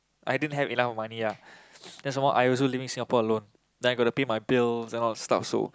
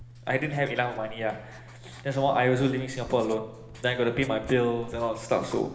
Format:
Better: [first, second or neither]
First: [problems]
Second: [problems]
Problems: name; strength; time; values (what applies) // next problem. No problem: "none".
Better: first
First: none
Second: background sound (Writing); 17 dB below the speech // room echo; dies away in 1.1 s